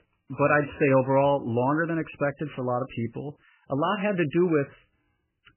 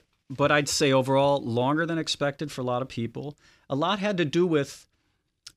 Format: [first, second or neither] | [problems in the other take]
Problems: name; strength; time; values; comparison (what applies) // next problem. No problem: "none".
second | garbled, watery; badly; nothing above 3 kHz